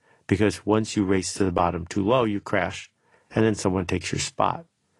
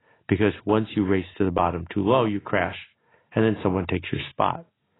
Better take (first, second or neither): first